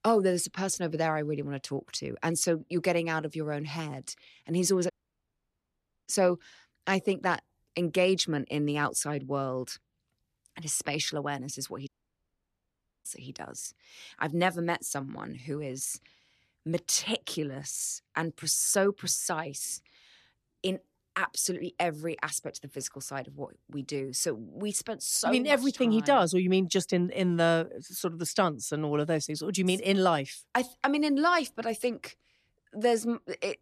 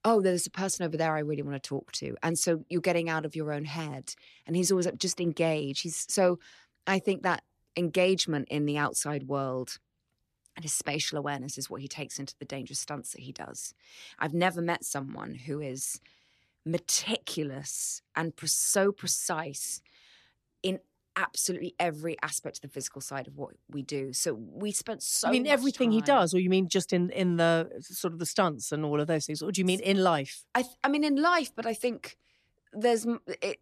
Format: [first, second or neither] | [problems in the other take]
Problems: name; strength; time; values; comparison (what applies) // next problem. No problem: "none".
second | audio cutting out; at 5 s for 1 s and at 12 s for 1 s